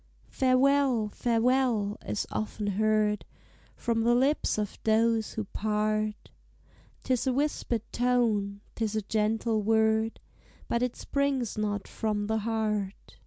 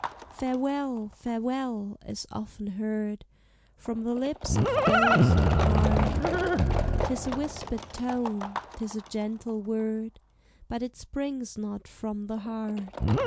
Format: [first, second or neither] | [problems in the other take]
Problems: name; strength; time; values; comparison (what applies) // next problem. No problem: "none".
first | background sound (Livestock, farm animals, working animals); 3 dB above the speech